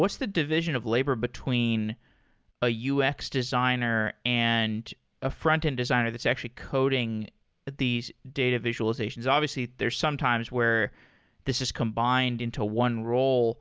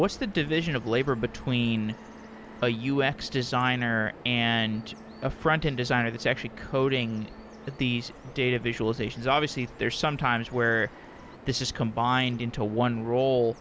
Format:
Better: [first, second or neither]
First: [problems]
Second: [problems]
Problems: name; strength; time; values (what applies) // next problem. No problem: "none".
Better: first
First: none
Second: background sound (Organ + Bird vocalization, bird call, bird song); 18 dB below the speech